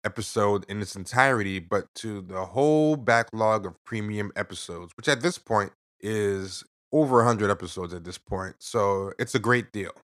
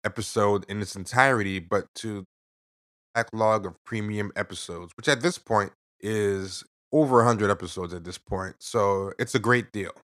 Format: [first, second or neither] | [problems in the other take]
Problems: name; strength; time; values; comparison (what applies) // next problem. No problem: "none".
first | audio cutting out; at 2.5 s for 1 s